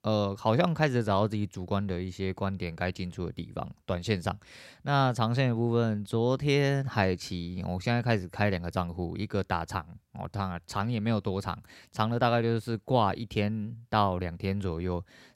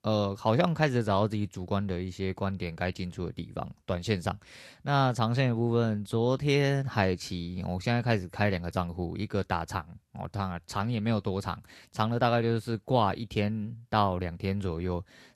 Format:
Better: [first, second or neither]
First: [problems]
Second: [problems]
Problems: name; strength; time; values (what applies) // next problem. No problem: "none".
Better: first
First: none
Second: garbled, watery; slightly; nothing above 12.5 kHz